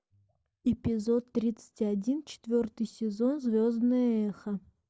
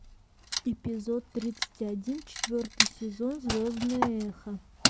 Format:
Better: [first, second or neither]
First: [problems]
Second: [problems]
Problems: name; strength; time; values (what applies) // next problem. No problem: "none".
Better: first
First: none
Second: background sound (Wood); 1 dB below the speech